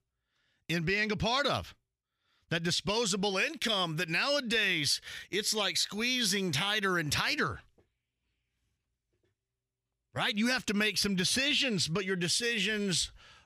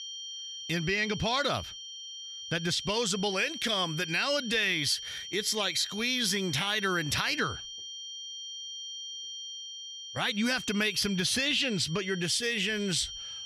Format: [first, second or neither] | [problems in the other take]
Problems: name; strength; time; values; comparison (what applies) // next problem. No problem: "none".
first | high-pitched whine; loud; throughout; 3 kHz, 10 dB below the speech